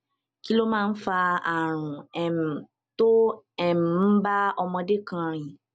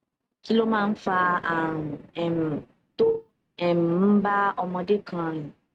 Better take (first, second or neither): first